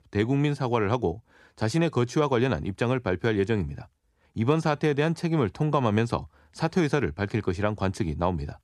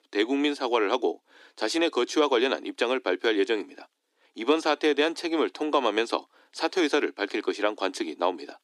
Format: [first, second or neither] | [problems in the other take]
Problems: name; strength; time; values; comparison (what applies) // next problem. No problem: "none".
first | thin; somewhat; fading below 300 Hz